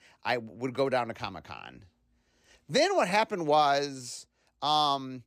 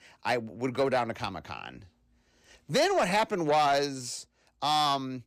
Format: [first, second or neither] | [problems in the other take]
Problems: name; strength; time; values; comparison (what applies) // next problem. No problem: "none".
first | distortion; slight; 10 dB below the speech